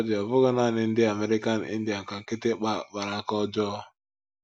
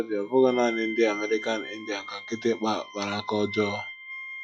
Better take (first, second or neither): first